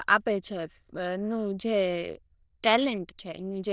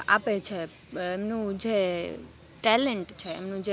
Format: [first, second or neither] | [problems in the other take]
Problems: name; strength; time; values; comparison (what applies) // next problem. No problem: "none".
second | noise reduction (neural diffusion model UNIVERSE++)